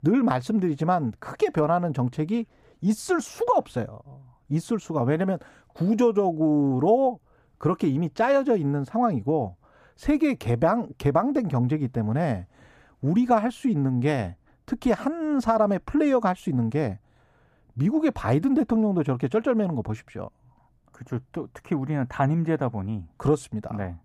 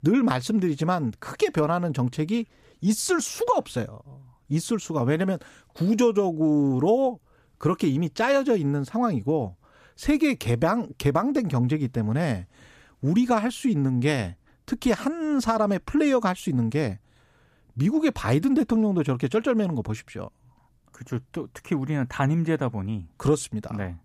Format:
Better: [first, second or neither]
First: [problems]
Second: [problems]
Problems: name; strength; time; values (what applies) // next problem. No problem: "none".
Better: second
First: muffled; slightly; fading above 2.5 kHz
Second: none